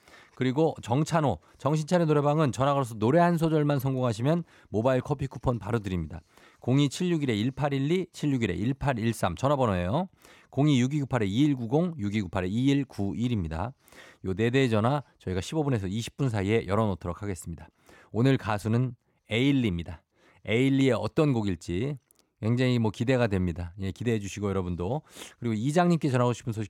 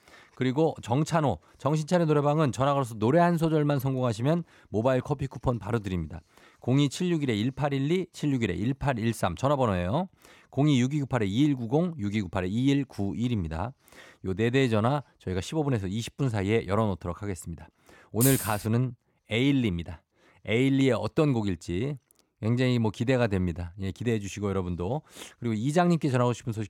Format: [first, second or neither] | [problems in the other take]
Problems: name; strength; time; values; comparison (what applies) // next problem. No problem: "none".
first | jangling keys; noticeable; at 18 s; peak level with the speech